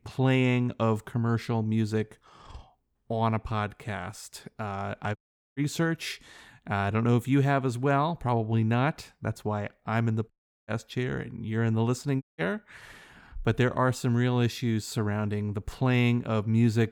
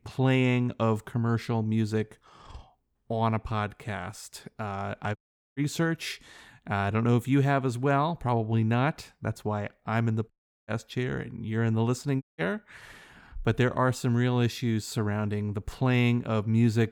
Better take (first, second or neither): neither